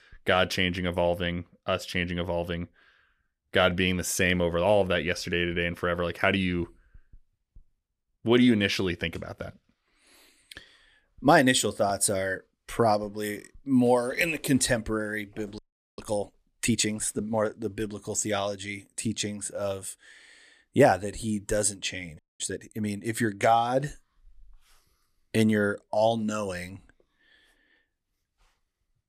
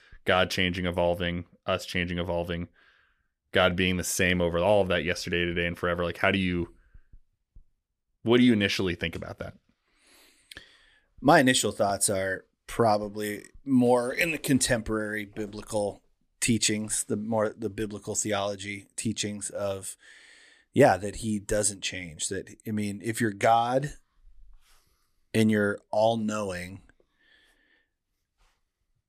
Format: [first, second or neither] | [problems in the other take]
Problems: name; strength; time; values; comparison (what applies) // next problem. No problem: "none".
second | audio freezing; at 16 s and at 22 s